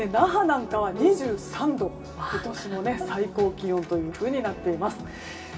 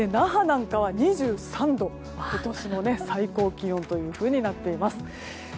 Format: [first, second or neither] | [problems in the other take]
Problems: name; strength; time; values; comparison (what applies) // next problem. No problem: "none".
second | background sound (Bowed string instrument); 13 dB below the speech // room echo; dies away in 2.9 s